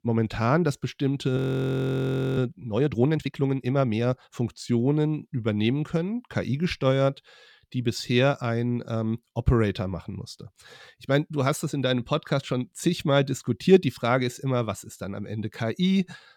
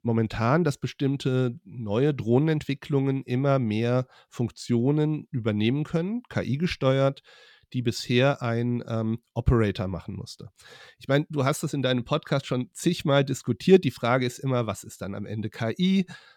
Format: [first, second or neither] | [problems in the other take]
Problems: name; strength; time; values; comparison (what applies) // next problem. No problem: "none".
second | audio freezing; at 1.5 s for 1 s